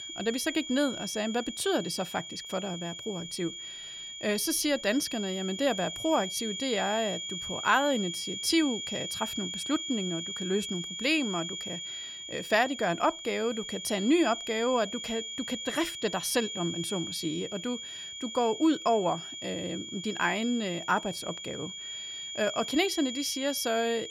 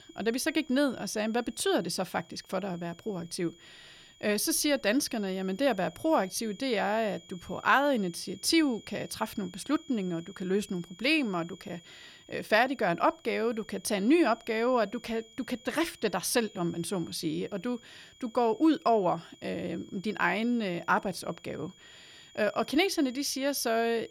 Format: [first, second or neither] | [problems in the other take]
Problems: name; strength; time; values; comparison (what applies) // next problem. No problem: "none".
second | high-pitched whine; loud; throughout; 3.5 kHz, 6 dB below the speech; faint in the second